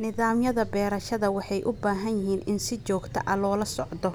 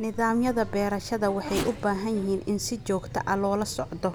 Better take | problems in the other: first | background sound (Race car, auto racing / Accelerating, revving, vroom); 15 dB below the speech

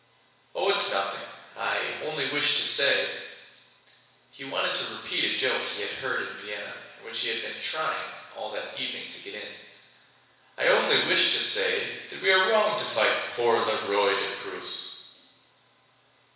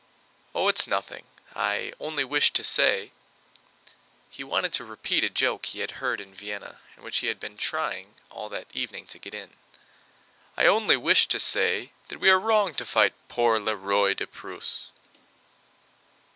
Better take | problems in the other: second | room echo; dies away in 1.1 s

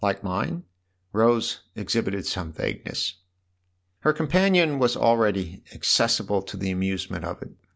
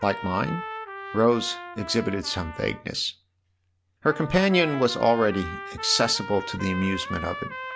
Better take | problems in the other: first | background sound (Trumpet); 11 dB below the speech

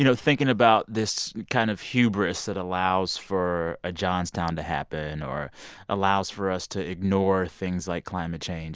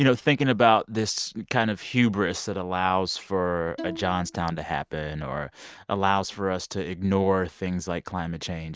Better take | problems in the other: first | noise reduction (neural mask model RNNoise)

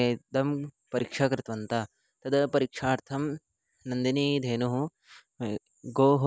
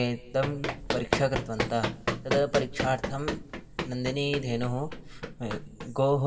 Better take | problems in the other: first | background sound (Run); 4 dB below the speech // room echo; dies away in 1.1 s

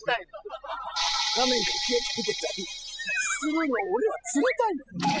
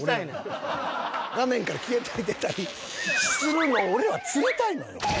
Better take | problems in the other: second | noise reduction (classical method spectral subtraction)

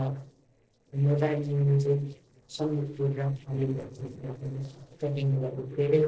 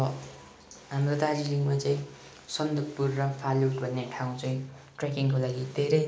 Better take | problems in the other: second | noise reduction (neural separator model SepFormer DNS4)

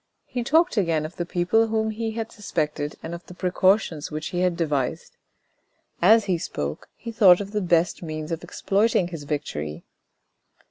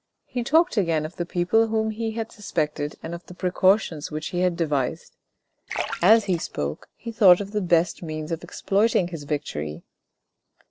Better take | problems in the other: first | noise reduction (neural separator model SepFormer DNS4)

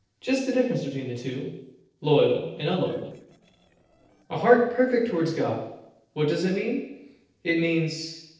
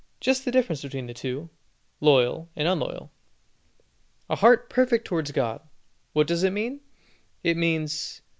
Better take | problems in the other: second | noise reduction (neural separator model SepFormer DNS4)

